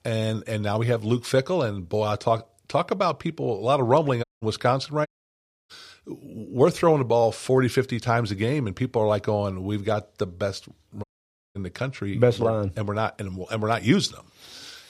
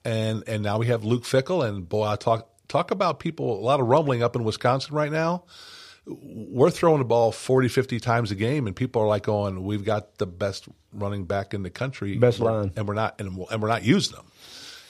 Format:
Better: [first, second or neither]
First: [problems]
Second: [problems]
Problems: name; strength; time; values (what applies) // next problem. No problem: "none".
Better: second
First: audio cutting out; at 4 s, at 5 s for 0.5 s and at 11 s for 0.5 s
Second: none